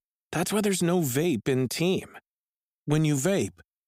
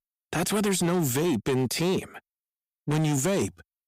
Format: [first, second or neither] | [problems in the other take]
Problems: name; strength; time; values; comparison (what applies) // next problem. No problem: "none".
first | distortion; slight; 14% of the sound clipped